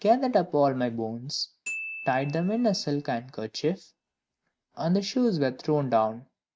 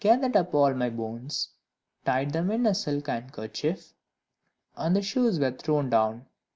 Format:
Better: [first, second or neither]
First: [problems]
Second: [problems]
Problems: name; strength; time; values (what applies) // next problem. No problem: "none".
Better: second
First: noise reduction (neural mask model RNNoise)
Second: none